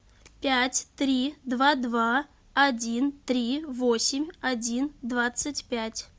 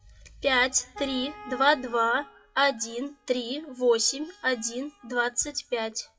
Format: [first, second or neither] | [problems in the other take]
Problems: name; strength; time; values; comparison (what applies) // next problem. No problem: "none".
first | noise reduction (classical method WPE with log-MMSE)